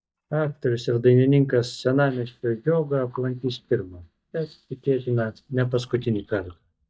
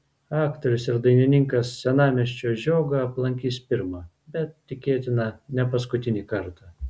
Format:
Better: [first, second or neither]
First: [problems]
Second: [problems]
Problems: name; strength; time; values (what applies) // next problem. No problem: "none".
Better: second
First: noise reduction (neural mask model DeepFilterNet 3)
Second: none